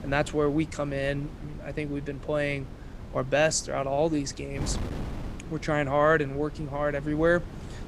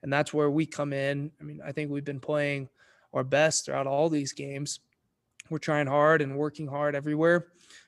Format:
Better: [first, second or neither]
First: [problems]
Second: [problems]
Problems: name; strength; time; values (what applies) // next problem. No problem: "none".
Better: second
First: wind noise on the microphone; occasional gusts; 20 dB below the speech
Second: none